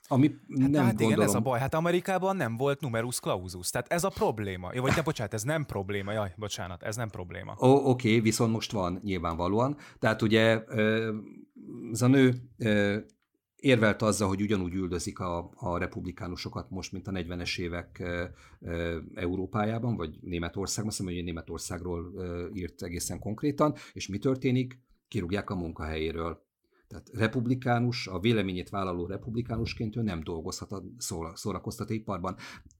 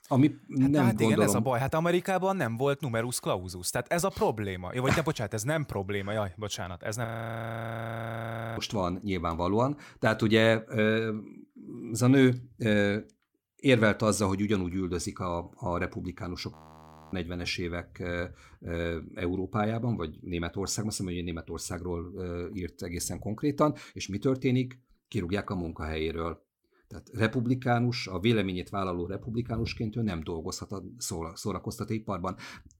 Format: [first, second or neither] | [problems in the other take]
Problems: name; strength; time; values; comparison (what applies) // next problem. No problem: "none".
first | audio freezing; at 7 s for 1.5 s and at 17 s for 0.5 s